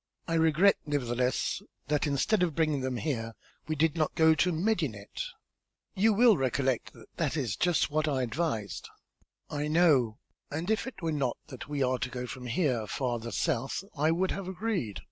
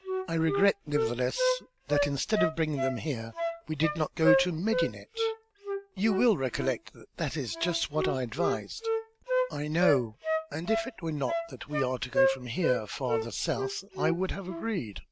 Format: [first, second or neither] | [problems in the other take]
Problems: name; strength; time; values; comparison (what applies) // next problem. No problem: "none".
first | background sound (Wind instrument, woodwind instrument); 2 dB below the speech